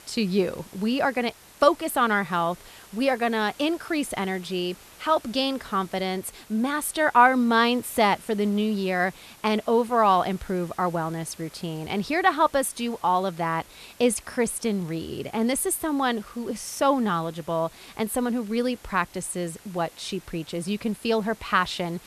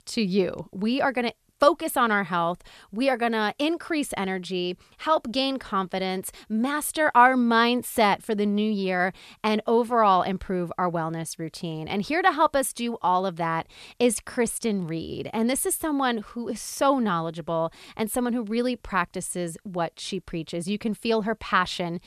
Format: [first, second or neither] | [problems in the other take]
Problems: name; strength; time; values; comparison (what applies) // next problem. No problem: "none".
second | hiss; faint; throughout; 25 dB below the speech